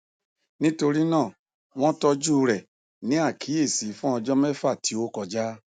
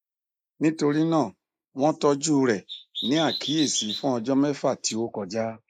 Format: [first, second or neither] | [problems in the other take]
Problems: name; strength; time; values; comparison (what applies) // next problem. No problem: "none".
first | noise reduction (neural mask model Resemble Enhance denoiser)